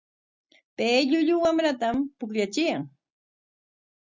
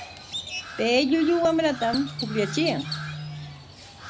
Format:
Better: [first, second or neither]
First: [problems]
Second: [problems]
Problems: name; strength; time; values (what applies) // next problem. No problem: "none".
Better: first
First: none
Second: background sound (Crow); 9 dB below the speech